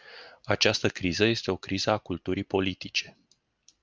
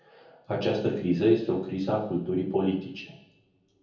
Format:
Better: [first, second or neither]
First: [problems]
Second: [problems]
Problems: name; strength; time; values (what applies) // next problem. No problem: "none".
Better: first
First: none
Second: room echo; dies away in 0.7 s